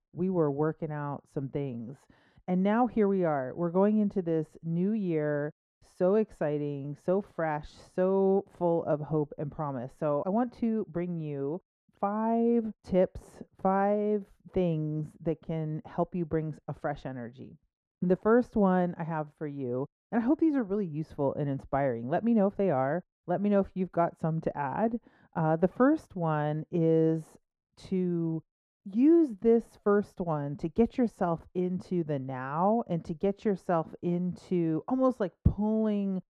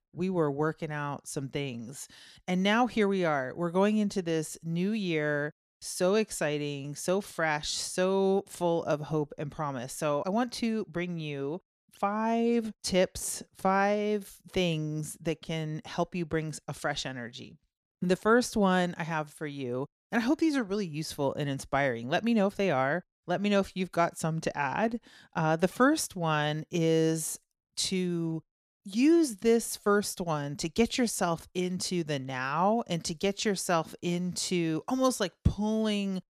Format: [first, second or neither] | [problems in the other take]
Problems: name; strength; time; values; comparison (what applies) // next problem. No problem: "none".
second | muffled; very; fading above 2 kHz